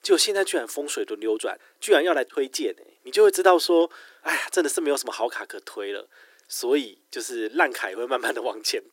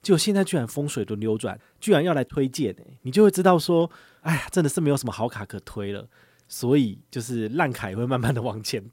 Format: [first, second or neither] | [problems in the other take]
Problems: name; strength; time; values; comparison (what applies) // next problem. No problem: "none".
second | thin; very; fading below 300 Hz